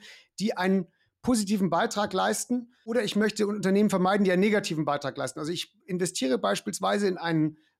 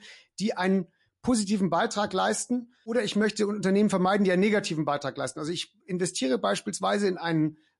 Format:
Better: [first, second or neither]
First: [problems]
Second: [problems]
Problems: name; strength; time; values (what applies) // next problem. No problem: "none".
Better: first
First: none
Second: garbled, watery; slightly; nothing above 11 kHz